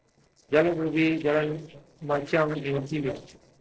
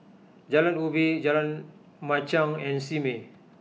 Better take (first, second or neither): second